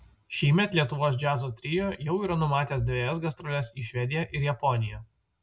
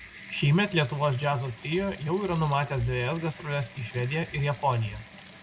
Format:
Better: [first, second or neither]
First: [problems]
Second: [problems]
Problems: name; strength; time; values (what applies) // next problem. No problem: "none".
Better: first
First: none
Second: background sound (Bathtub (filling or washing) / Water tap, faucet); 19 dB below the speech